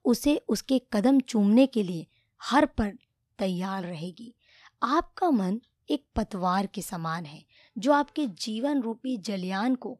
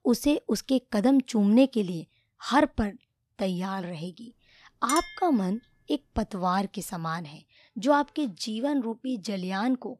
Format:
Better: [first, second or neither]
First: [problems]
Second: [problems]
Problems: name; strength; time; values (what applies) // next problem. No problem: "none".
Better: first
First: none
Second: clattering dishes; noticeable; at 5 s; peak 6 dB below the speech